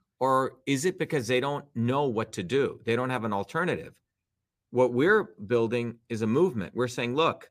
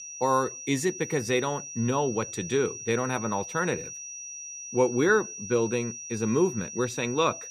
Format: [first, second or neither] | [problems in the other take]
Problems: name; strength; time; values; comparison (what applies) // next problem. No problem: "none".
first | high-pitched whine; loud; throughout; 6 kHz, 10 dB below the speech